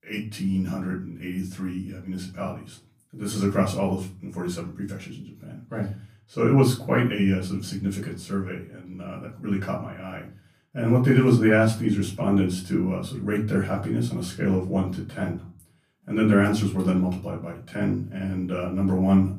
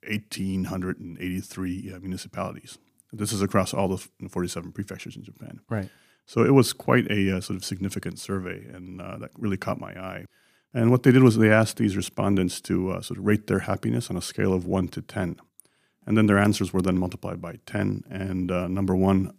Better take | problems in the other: second | off-mic speech; far // room echo; slight; dies away in 0.3 s

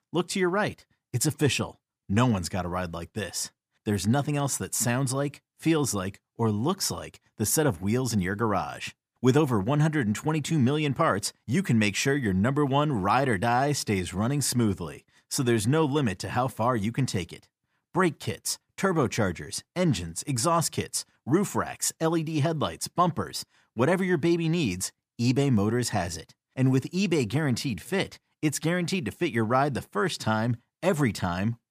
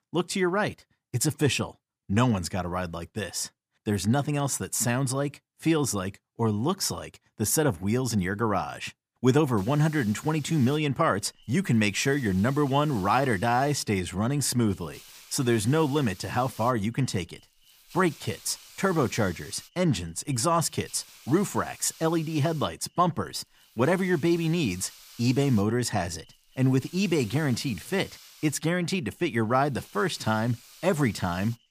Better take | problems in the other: first | hiss; faint; from 9.5 s on; 20 dB below the speech

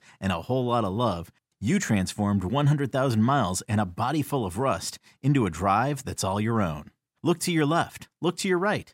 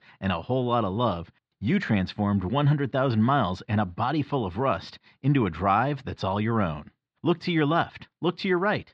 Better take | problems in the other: first | muffled; slightly; fading above 4 kHz

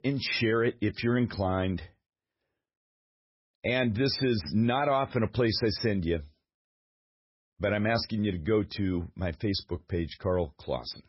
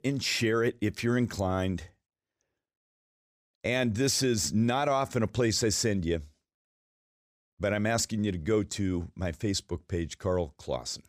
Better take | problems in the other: second | garbled, watery; badly; nothing above 5.5 kHz

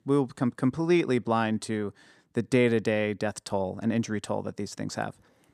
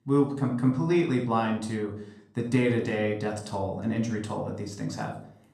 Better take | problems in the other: first | off-mic speech; somewhat distant // room echo; slight; dies away in 0.5 s

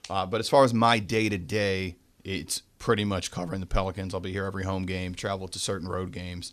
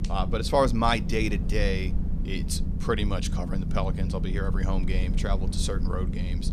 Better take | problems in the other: first | low rumble; noticeable; throughout; 10 dB below the speech

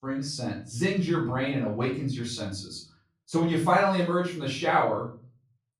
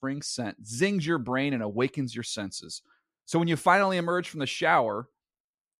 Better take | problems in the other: second | off-mic speech; far // room echo; slight; dies away in 0.5 s

